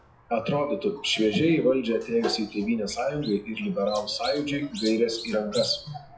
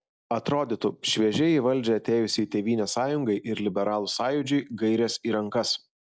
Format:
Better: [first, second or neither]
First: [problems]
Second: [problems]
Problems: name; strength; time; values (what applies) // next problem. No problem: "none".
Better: second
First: noise reduction (classical method WPE with log-MMSE)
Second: none